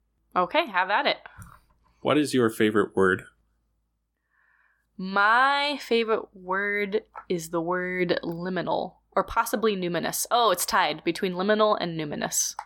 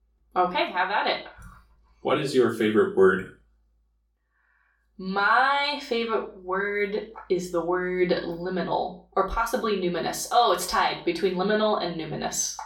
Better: first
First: none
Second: room echo; slight; dies away in 0.3 s // off-mic speech; far

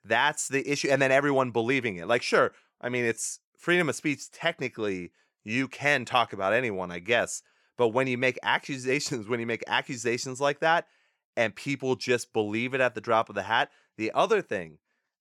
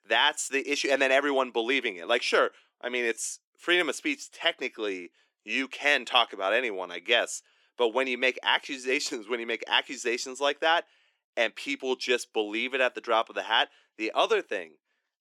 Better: first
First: none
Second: thin; very slightly; fading below 250 Hz

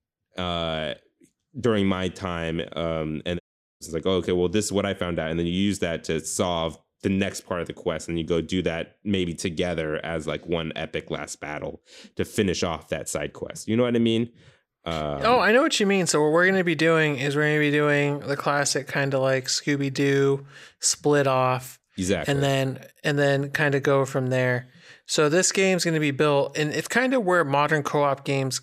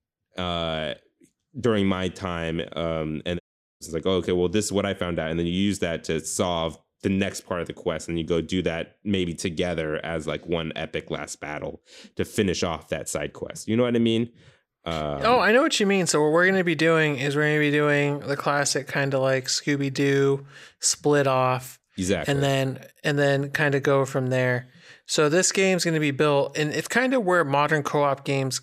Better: neither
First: audio cutting out; at 3.5 s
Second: audio cutting out; at 3.5 s

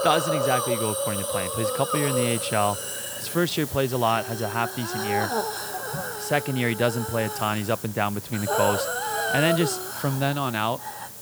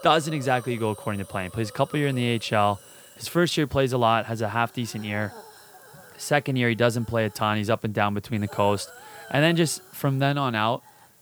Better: second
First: hiss; loud; throughout; 2 dB below the speech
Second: hiss; faint; throughout; 20 dB below the speech

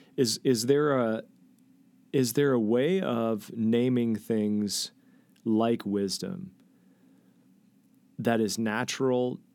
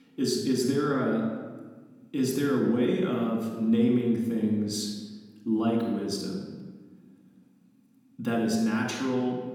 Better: first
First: none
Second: off-mic speech; far // room echo; noticeable; dies away in 1.2 s

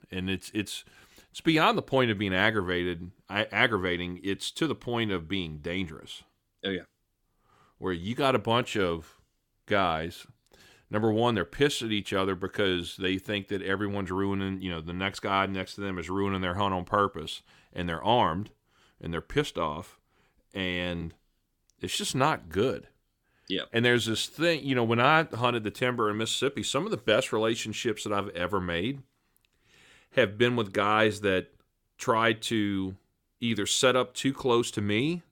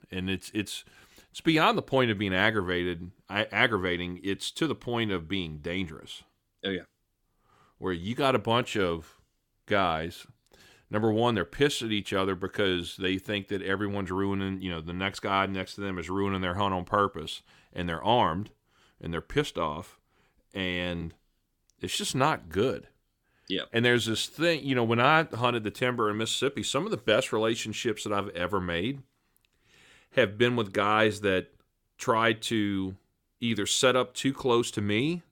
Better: neither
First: none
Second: none

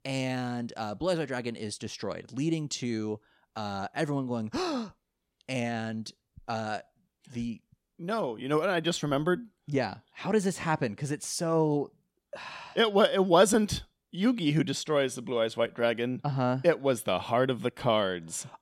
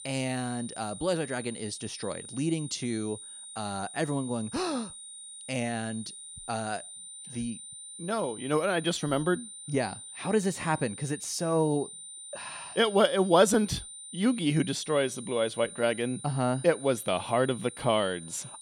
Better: first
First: none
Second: high-pitched whine; noticeable; throughout; 9 kHz, 10 dB below the speech

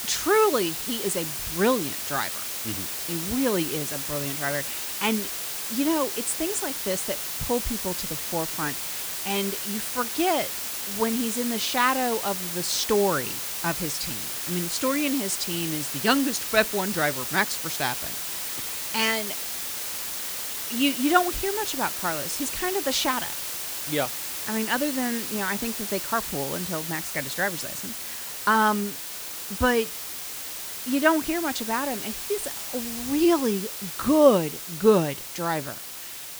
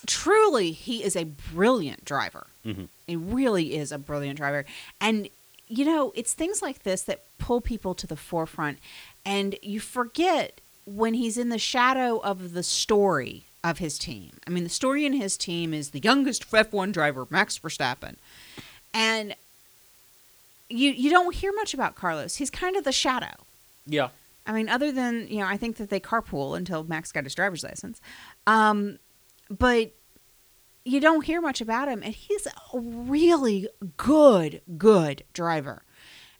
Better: second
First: hiss; loud; throughout; 3 dB below the speech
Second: hiss; faint; throughout; 30 dB below the speech

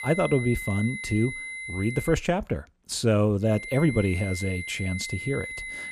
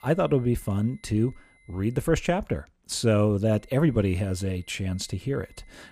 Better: second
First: high-pitched whine; loud; until 2 s and from 3.5 s on; 2 kHz, 8 dB below the speech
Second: high-pitched whine; faint; until 2 s and from 3.5 s on; 2 kHz, 35 dB below the speech

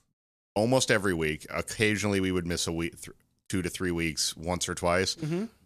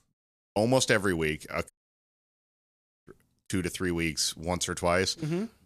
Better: first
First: none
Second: audio cutting out; at 1.5 s for 1.5 s

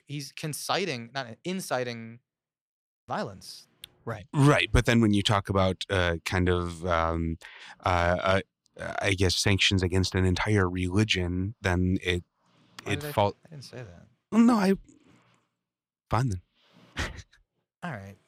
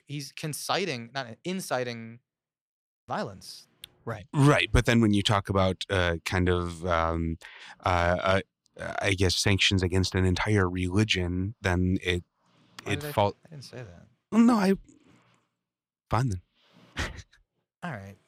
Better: neither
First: none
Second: none

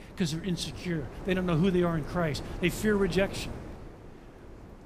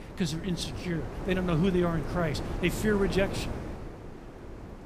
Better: first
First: wind noise on the microphone; occasional gusts; 15 dB below the speech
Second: wind noise on the microphone; heavy; 9 dB below the speech

